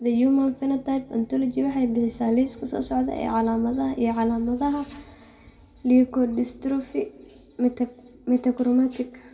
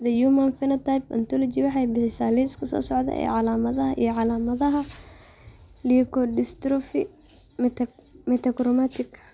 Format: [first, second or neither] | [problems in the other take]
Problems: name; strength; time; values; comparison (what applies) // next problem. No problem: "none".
second | room echo; dies away in 1.5 s